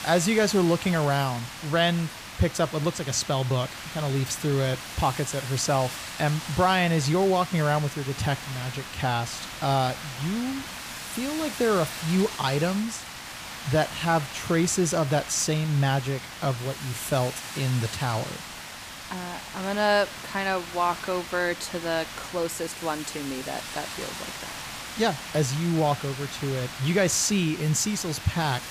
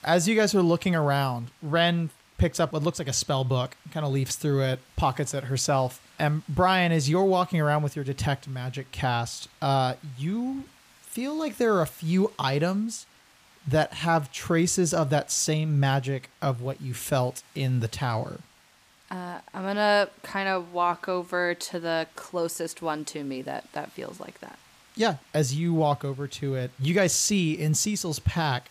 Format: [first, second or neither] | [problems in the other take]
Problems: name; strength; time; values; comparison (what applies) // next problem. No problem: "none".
second | hiss; loud; throughout; 10 dB below the speech; faint in the second